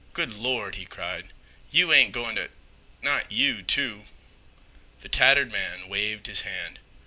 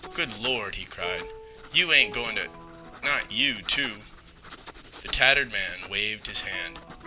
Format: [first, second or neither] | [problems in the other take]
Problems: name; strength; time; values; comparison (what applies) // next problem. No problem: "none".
first | background sound (Acoustic guitar + Writing); 15 dB below the speech